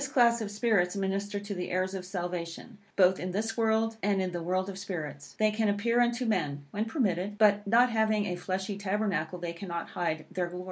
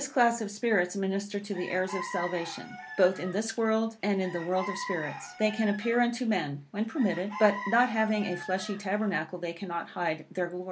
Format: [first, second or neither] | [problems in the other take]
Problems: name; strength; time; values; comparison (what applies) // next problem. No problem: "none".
first | background sound (Chicken, rooster); 12 dB below the speech